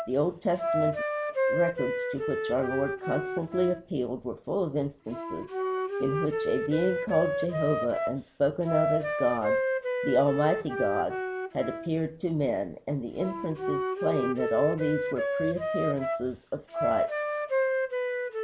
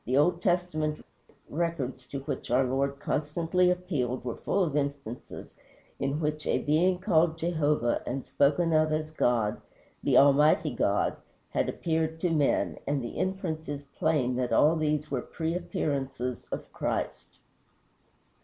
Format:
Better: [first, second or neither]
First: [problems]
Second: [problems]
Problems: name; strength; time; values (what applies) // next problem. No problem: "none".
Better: second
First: background sound (Wind instrument, woodwind instrument); 1 dB below the speech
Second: none